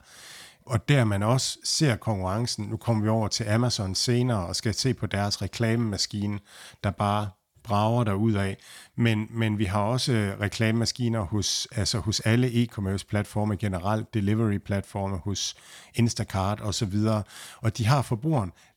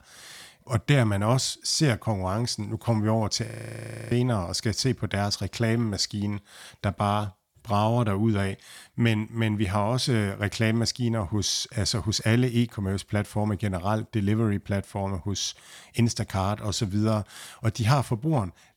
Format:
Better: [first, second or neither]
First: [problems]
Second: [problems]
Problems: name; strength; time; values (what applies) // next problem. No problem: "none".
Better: first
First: none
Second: audio freezing; at 3.5 s for 0.5 s